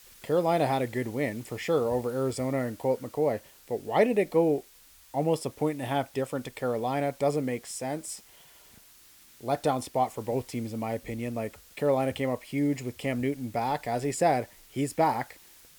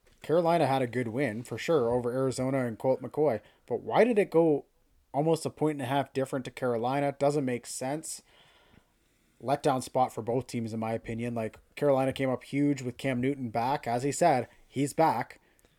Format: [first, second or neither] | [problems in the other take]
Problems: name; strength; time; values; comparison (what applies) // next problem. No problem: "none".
second | hiss; faint; throughout; 25 dB below the speech